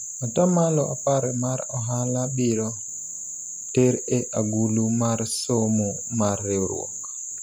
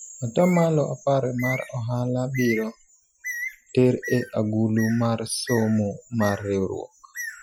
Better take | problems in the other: first | noise reduction (classical method Wiener filter)

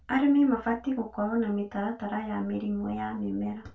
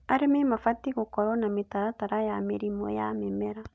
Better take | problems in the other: second | room echo; dies away in 0.2 s

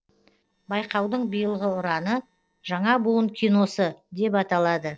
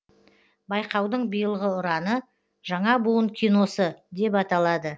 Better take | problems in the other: second | noise reduction (neural separator model SepFormer DNS4)

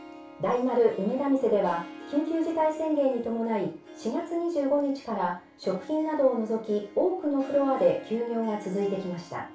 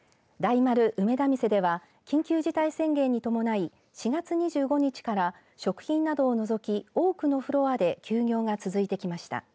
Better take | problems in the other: second | background sound (Harp); 18 dB below the speech // room echo; dies away in 0.2 s

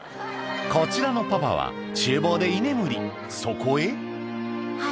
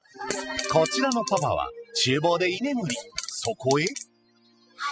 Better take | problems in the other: first | noise reduction (classical method spectral subtraction)

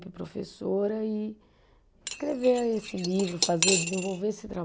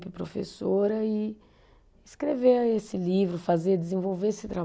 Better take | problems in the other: second | background sound (Cutlery, silverware / Dishes, pots, and pans); 2 dB below the speech

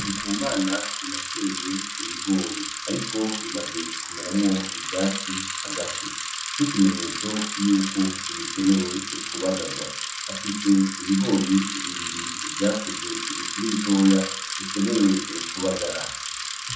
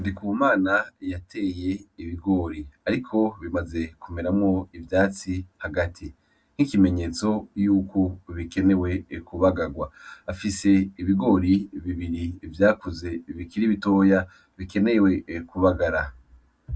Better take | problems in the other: second | background sound (Bicycle); 5 dB below the speech // room echo; dies away in 1 s

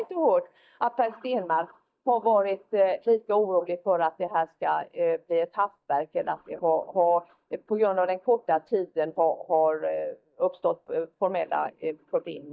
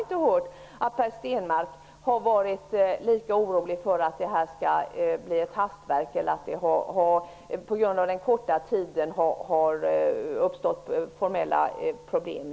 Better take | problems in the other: second | noise reduction (neural mask model DeepFilterNet 3)

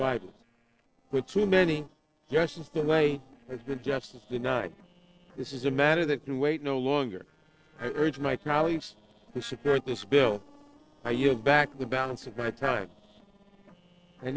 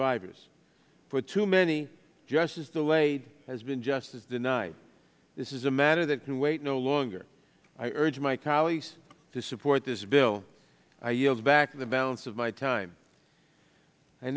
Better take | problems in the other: second | noise reduction (neural separator model SepFormer DNS4)

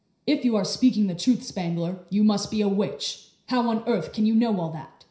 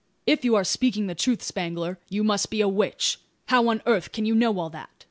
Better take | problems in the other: second | room echo; dies away in 0.5 s

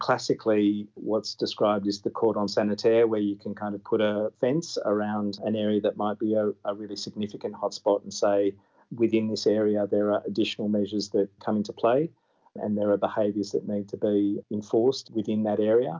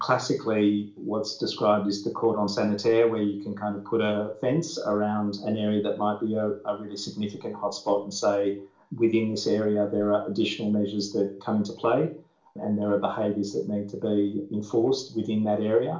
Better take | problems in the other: first | room echo; dies away in 0.4 s

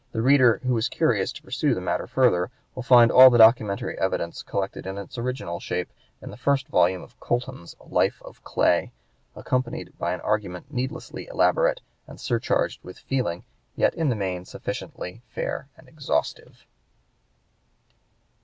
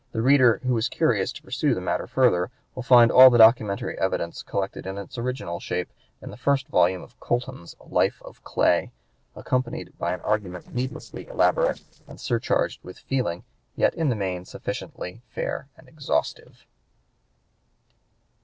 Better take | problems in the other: first | noise reduction (neural separator model SepFormer DNS4)

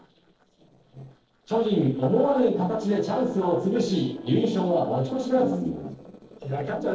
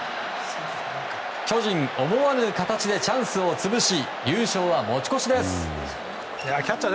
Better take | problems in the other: second | noise reduction (neural separator model SepFormer DNS4)

